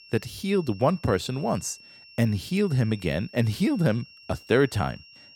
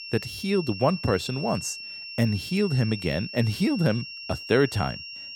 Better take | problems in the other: first | high-pitched whine; loud; throughout; 2.5 kHz, 10 dB below the speech; faint in the first

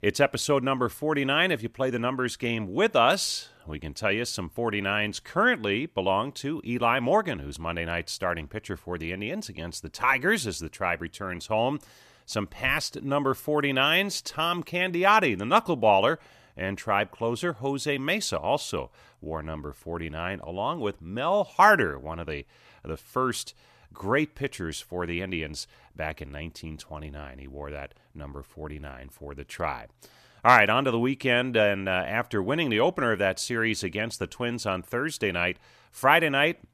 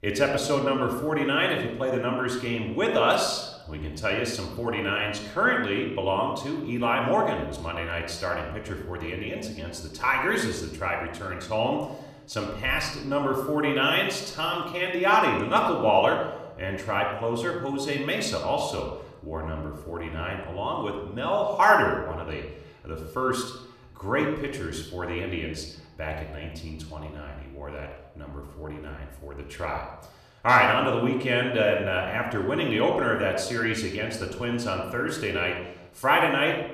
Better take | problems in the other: first | off-mic speech; somewhat distant // room echo; noticeable; dies away in 0.7 s

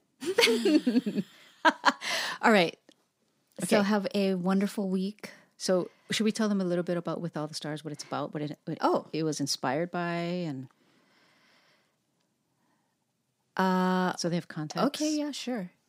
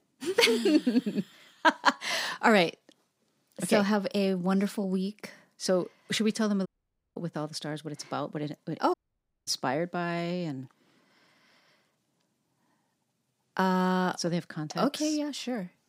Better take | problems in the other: first | audio cutting out; at 6.5 s for 0.5 s and at 9 s for 0.5 s

